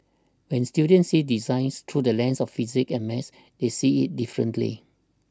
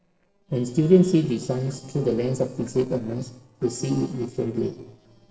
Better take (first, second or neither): first